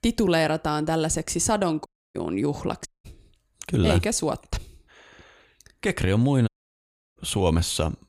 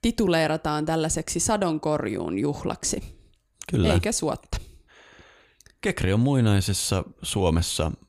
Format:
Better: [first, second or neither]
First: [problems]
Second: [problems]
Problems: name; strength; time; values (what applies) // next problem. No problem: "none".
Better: second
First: audio cutting out; at 2 s, at 3 s and at 6.5 s for 0.5 s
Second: none